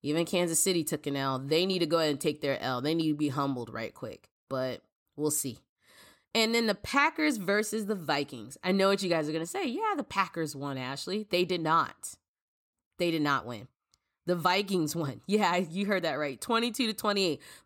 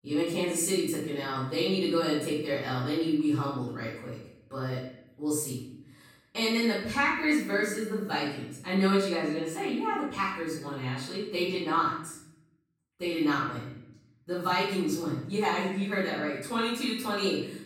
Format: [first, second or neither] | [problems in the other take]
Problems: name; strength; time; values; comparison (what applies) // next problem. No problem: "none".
first | room echo; noticeable; dies away in 0.7 s // off-mic speech; far